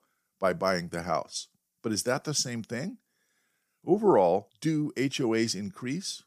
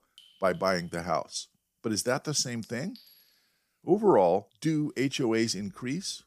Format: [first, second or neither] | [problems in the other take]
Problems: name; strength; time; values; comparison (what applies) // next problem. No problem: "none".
first | household noises; faint; throughout; 30 dB below the speech